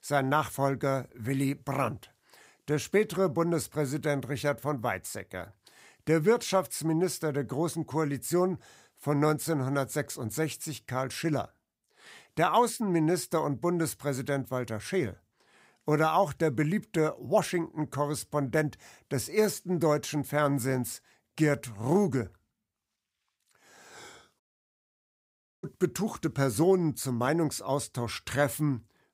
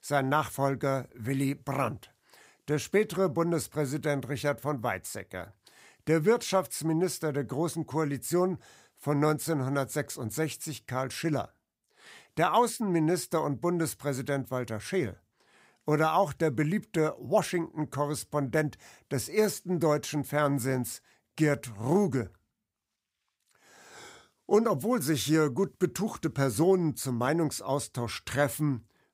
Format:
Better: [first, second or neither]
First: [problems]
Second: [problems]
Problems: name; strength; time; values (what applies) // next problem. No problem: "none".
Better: second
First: audio cutting out; at 24 s for 1 s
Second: none